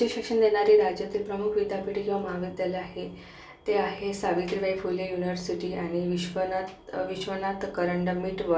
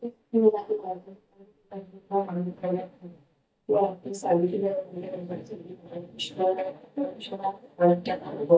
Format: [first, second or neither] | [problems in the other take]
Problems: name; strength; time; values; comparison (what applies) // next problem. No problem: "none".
first | noise reduction (neural mask model DeepFilterNet 3)